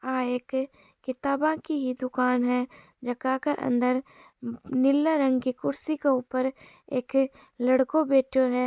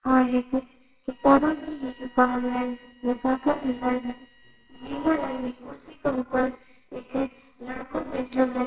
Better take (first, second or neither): first